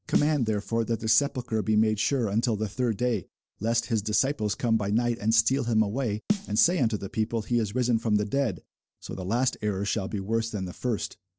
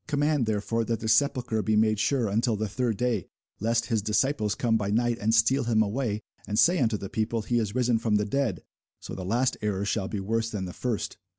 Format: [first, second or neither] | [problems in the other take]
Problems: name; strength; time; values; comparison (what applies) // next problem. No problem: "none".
second | noise reduction (neural separator model SepFormer DNS4)